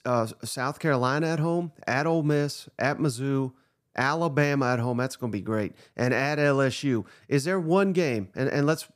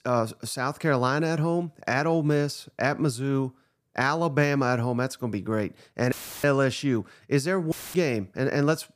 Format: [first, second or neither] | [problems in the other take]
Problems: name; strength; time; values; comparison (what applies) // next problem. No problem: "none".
first | audio cutting out; filled with static; at 6 s and at 7.5 s